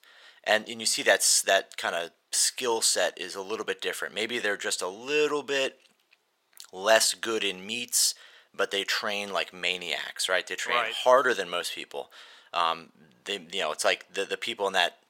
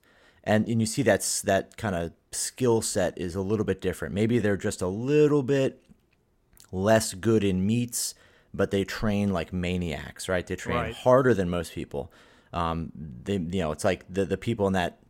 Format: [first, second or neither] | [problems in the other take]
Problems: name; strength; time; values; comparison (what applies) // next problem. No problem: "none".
second | thin; very; fading below 700 Hz